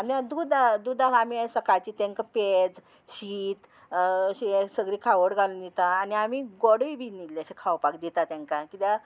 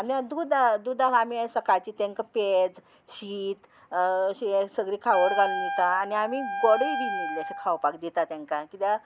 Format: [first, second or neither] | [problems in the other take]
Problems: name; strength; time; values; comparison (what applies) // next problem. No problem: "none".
first | background sound (Wind instrument, woodwind instrument); 5 dB below the speech